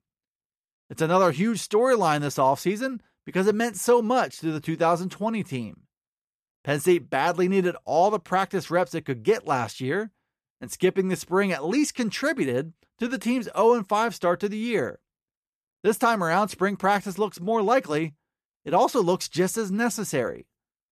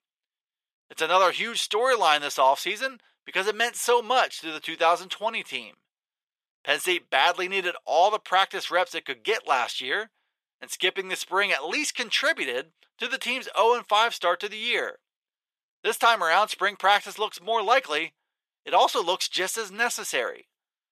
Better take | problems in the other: first | thin; very; fading below 650 Hz

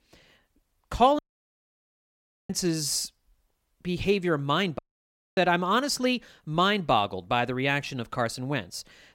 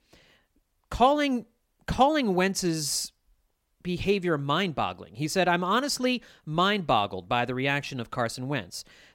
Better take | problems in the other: second | audio cutting out; at 1 s for 1.5 s and at 5 s for 0.5 s

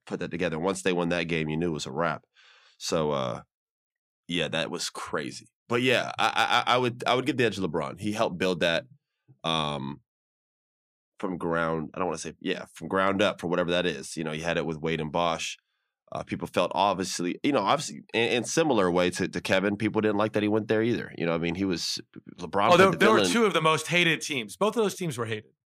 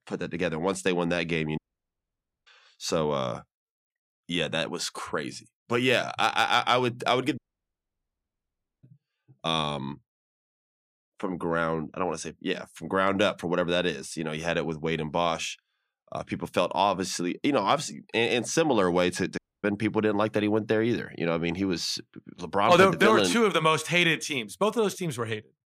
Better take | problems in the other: first | audio cutting out; at 1.5 s for 1 s, at 7.5 s for 1.5 s and at 19 s

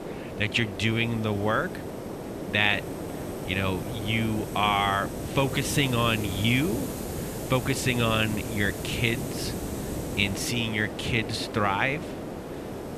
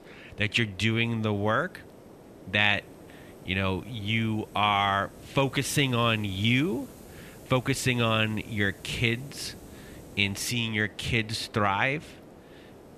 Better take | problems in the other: second | hiss; loud; throughout; 7 dB below the speech; faint in the second

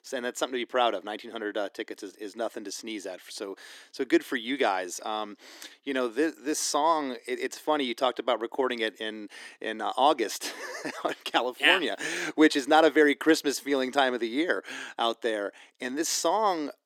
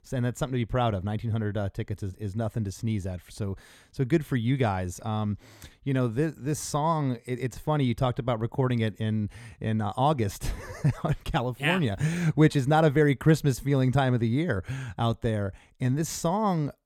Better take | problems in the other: second | thin; somewhat; fading below 300 Hz

